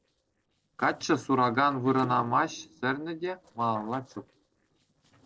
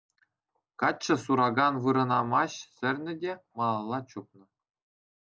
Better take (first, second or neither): second